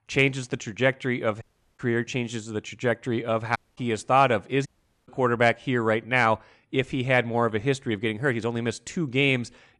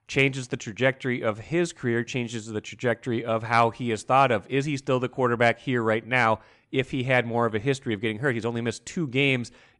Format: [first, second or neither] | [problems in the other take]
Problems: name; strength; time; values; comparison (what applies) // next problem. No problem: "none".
second | audio cutting out; at 1.5 s, at 3.5 s and at 4.5 s